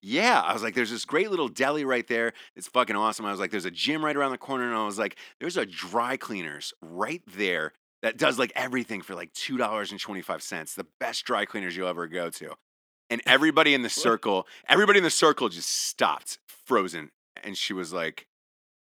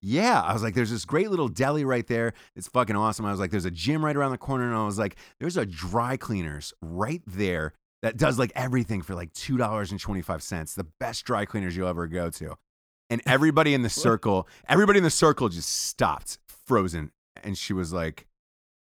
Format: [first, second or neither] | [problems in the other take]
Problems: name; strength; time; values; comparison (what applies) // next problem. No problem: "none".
second | thin; very slightly; fading below 250 Hz